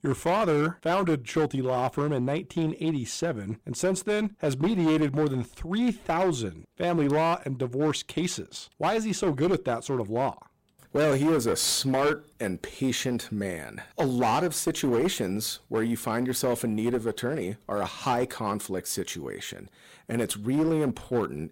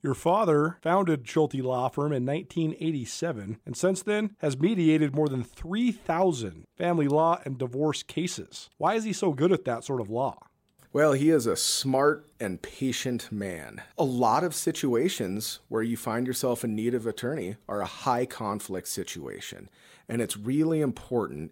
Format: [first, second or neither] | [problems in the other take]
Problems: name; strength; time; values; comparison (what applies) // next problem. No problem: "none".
second | distortion; slight; 11% of the sound clipped